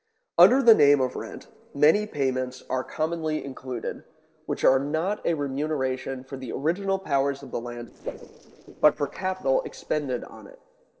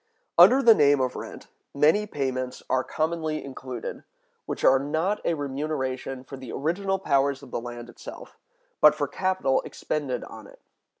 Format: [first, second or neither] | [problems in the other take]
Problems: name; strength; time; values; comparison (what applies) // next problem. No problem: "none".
second | noise reduction (neural separator model SepFormer DNS4)